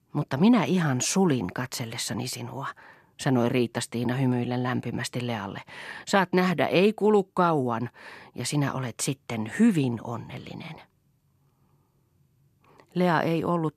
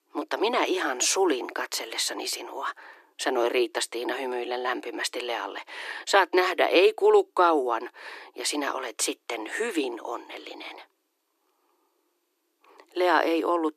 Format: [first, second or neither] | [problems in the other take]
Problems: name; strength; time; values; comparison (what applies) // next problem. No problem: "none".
first | thin; very; fading below 300 Hz